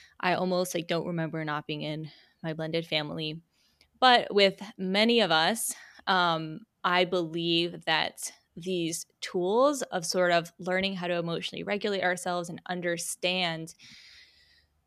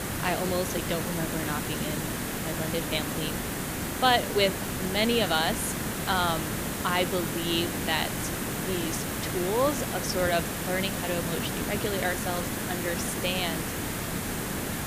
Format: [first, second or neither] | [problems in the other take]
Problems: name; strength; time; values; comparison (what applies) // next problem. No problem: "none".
first | hiss; loud; throughout; 1 dB below the speech